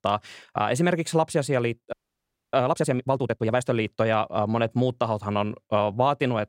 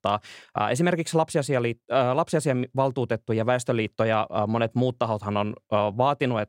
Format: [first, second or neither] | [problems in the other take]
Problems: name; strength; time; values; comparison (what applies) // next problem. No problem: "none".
second | audio freezing; at 2 s for 0.5 s